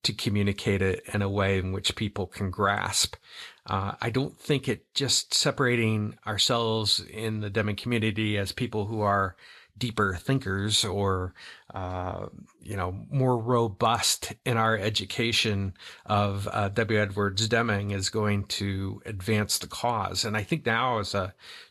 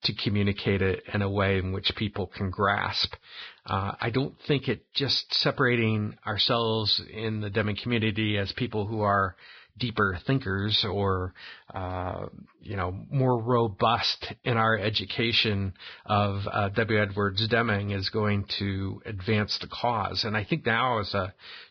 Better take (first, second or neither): first